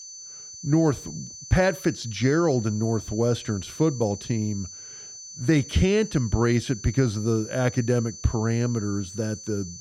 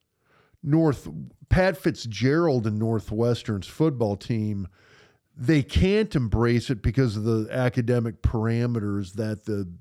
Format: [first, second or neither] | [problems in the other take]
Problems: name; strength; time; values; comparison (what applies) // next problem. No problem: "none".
second | high-pitched whine; noticeable; throughout; 6 kHz, 15 dB below the speech